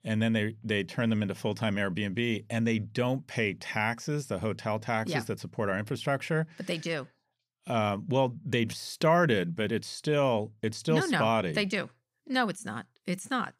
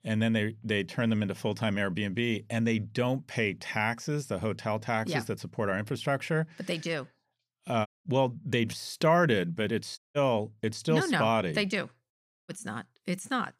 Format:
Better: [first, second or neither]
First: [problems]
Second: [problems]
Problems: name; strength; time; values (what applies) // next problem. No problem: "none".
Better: first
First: none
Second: audio cutting out; at 8 s, at 10 s and at 12 s